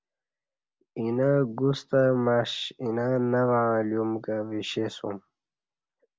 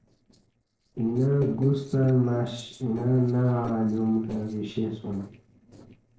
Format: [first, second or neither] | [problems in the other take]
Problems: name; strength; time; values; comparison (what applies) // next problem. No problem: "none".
first | noise reduction (neural separator model SepFormer DNS4)